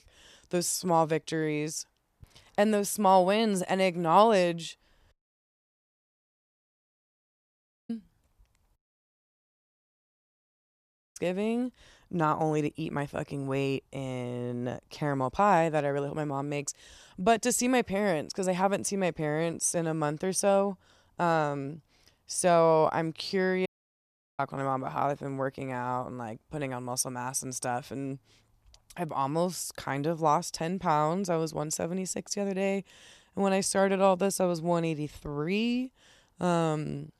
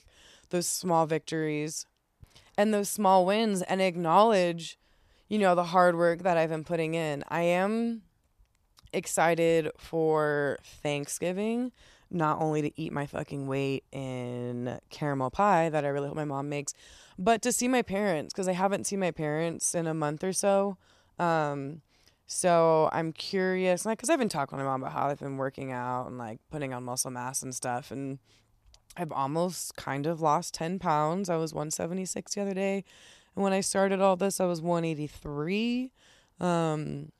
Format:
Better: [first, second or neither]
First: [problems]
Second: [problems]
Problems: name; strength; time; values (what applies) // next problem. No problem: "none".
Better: second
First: audio cutting out; at 5 s for 3 s, at 9 s for 2.5 s and at 24 s for 0.5 s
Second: none